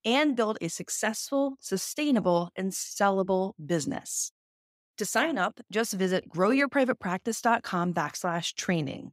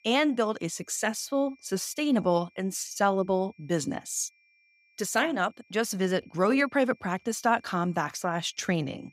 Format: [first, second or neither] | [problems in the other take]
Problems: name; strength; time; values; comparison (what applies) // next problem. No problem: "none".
first | high-pitched whine; faint; throughout; 2.5 kHz, 35 dB below the speech